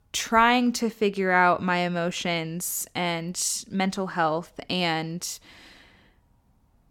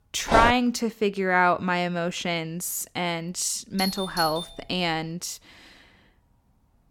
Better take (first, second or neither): first